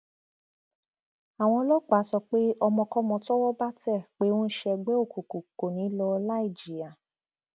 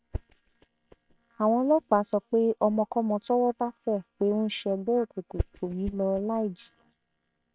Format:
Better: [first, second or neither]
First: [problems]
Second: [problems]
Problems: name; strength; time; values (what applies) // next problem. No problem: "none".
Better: first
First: none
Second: noise reduction (neural separator model SepFormer WHAM!)